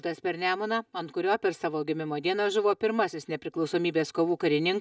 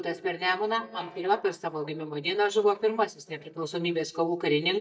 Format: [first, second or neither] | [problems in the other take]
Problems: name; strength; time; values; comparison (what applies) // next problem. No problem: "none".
first | noise reduction (neural mask model DeepFilterNet 3)